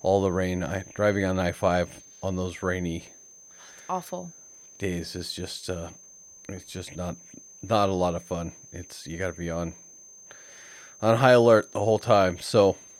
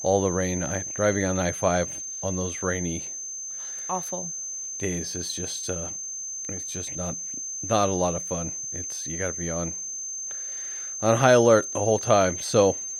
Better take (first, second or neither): first